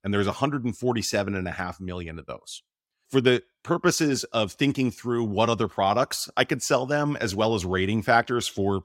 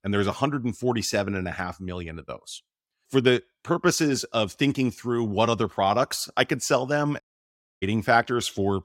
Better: first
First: none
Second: audio cutting out; at 7 s for 0.5 s

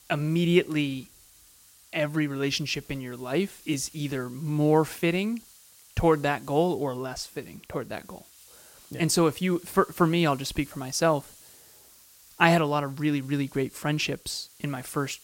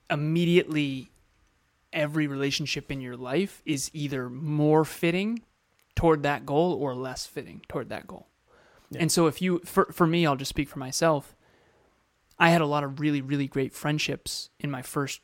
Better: second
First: hiss; faint; throughout; 25 dB below the speech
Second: none

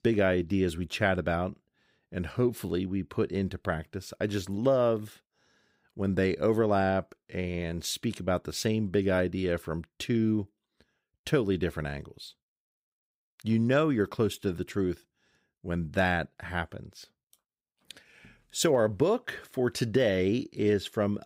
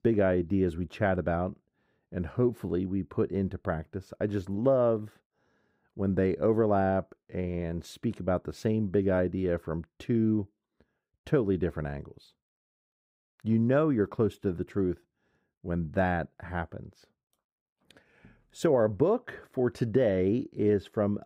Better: first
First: none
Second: muffled; slightly; fading above 2 kHz

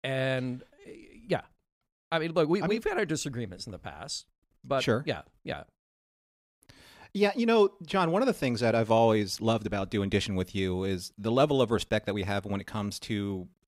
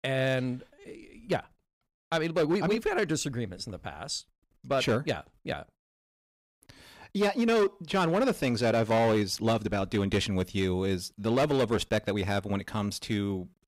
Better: first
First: none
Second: distortion; slight; 6% of the sound clipped

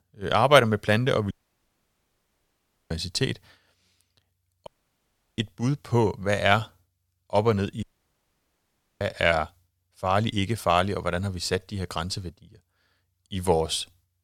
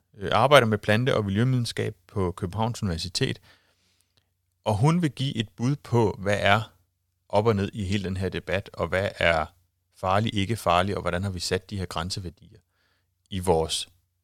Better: second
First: audio cutting out; at 1.5 s for 1.5 s, at 4.5 s for 0.5 s and at 8 s for 1 s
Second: none

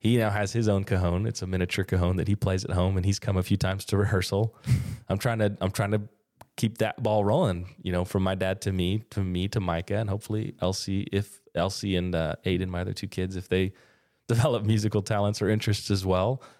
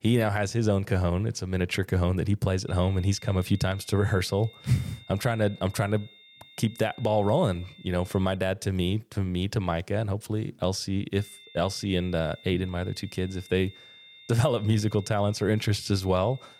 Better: first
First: none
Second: high-pitched whine; faint; from 2.5 to 8.5 s and from 11 s on; 3.5 kHz, 20 dB below the speech

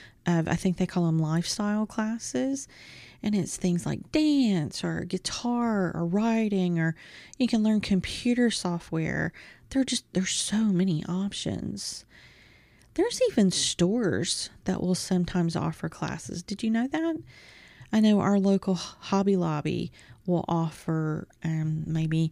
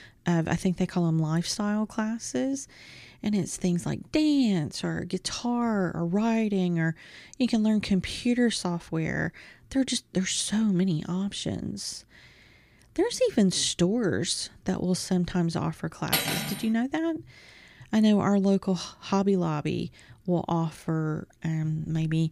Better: first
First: none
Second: clattering dishes; loud; at 16 s; peak 2 dB above the speech

